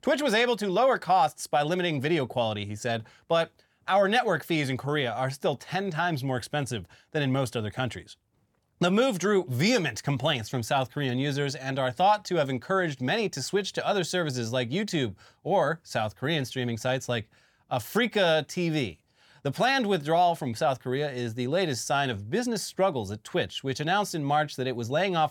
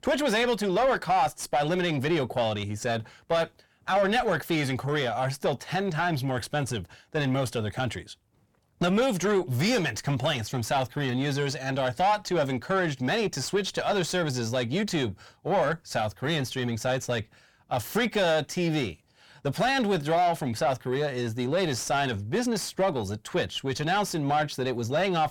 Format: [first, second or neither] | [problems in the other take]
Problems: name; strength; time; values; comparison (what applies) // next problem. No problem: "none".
first | distortion; slight; 10 dB below the speech